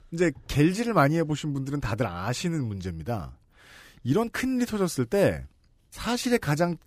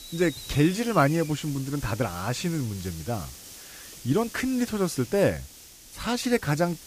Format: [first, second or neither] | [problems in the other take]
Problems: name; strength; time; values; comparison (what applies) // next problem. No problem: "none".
first | hiss; noticeable; throughout; 15 dB below the speech